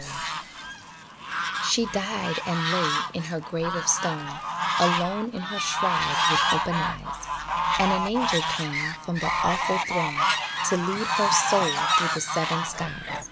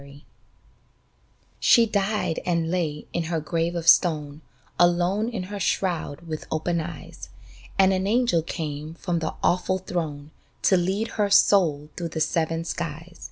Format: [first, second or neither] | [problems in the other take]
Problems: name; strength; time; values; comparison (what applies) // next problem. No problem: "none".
second | background sound (Fowl); 2 dB above the speech